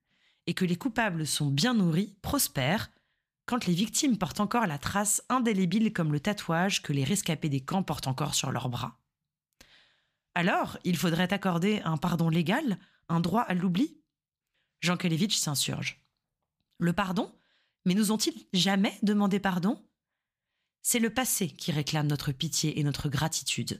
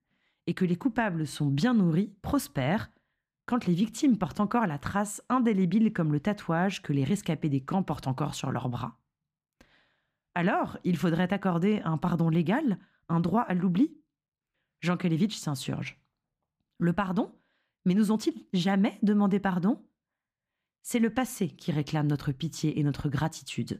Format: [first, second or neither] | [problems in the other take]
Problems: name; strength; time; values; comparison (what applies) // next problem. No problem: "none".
first | muffled; slightly; fading above 2.5 kHz